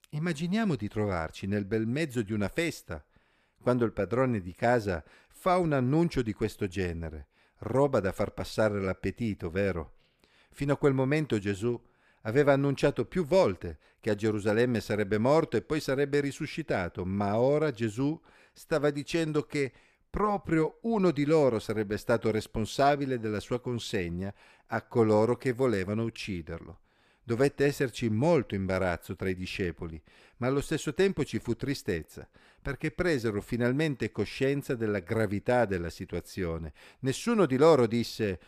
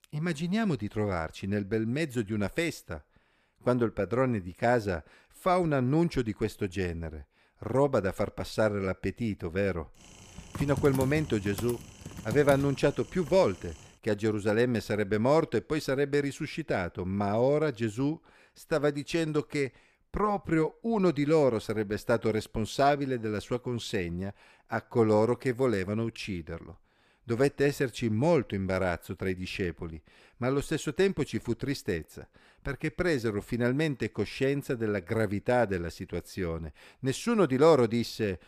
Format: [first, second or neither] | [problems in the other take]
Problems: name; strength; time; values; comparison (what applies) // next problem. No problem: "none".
first | keyboard typing; noticeable; from 10 to 13 s; peak 6 dB below the speech